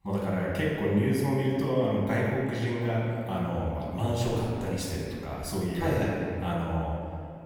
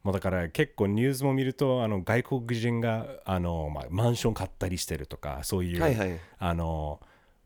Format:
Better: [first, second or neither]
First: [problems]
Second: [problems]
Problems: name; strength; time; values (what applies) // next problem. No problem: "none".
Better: second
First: room echo; noticeable; dies away in 2.1 s // off-mic speech; far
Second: none